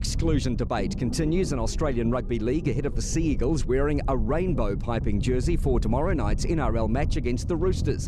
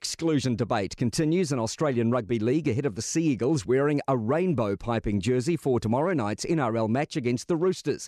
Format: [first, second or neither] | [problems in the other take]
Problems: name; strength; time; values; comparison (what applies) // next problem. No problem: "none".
second | low rumble; noticeable; throughout; 15 dB below the speech